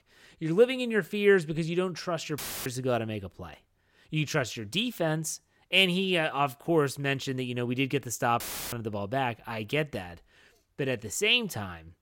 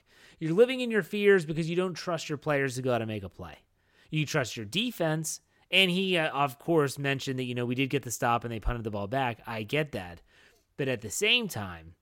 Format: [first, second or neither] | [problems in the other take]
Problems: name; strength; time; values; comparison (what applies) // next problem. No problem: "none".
second | audio cutting out; filled with static; at 2.5 s and at 8.5 s